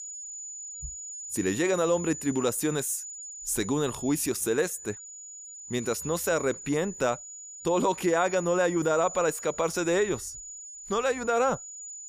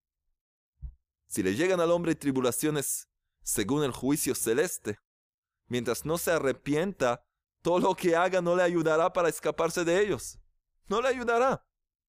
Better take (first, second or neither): second